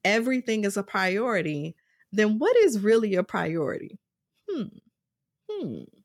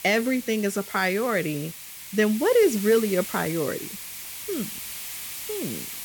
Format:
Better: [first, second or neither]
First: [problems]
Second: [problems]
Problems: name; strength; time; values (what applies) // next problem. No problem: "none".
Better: first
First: none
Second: hiss; loud; throughout; 10 dB below the speech